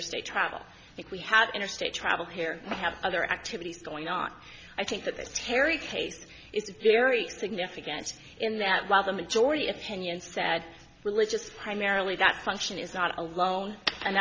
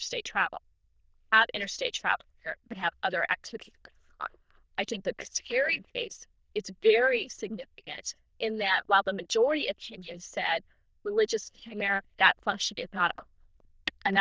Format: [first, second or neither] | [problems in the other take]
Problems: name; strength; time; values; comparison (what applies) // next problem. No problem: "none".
first | noise reduction (neural diffusion model UNIVERSE++)